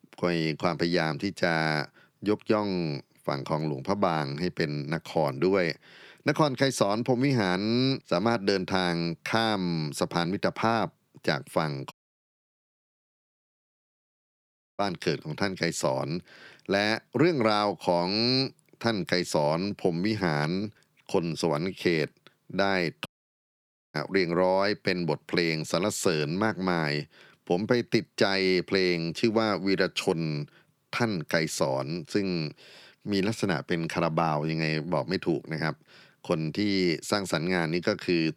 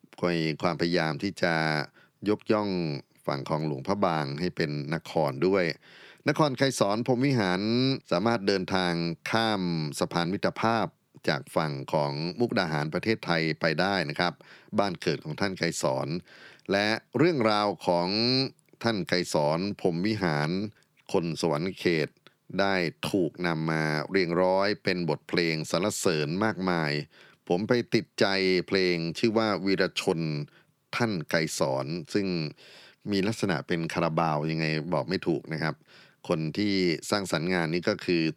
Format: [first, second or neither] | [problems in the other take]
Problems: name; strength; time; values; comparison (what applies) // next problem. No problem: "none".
second | audio cutting out; at 12 s for 3 s and at 23 s for 1 s